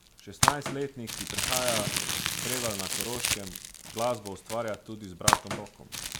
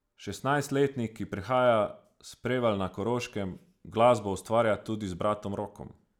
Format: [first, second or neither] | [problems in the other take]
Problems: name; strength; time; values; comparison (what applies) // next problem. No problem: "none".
second | background sound (Crumpling, crinkling); 4 dB above the speech